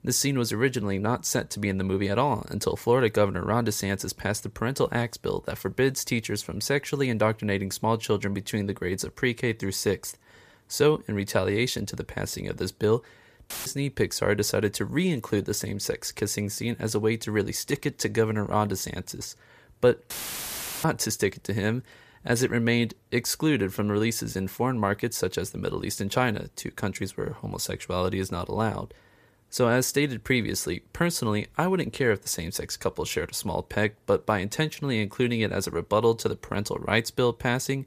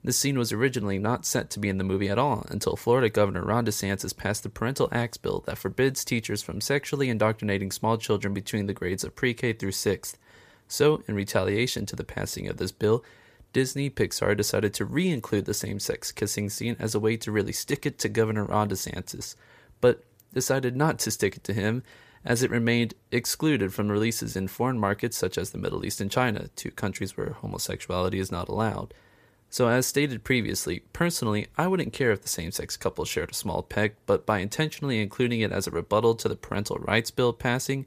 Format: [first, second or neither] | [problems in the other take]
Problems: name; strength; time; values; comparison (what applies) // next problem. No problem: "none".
second | audio cutting out; filled with static; at 14 s and at 20 s for 0.5 s